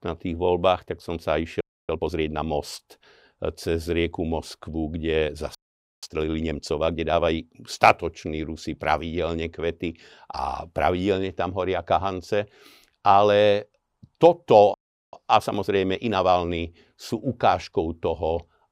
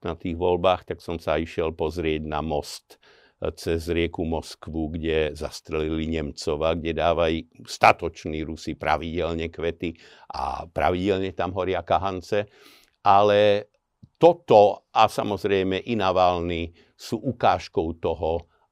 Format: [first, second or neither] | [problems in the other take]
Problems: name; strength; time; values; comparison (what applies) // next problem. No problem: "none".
second | audio freezing; at 1.5 s, at 5.5 s and at 15 s